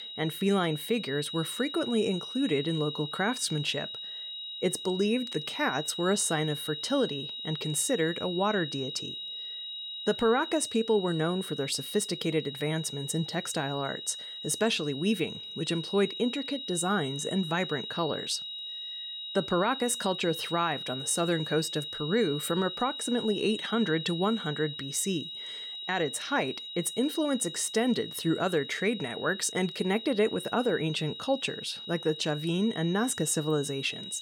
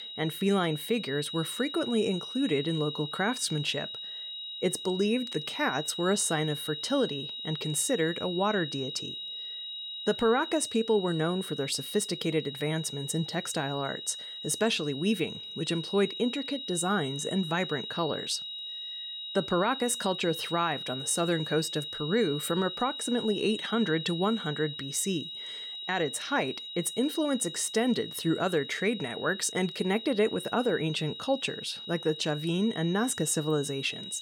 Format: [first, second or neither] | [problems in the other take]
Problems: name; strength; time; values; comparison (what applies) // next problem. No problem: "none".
neither | high-pitched whine; loud; throughout; 4 kHz, 7 dB below the speech; the same in both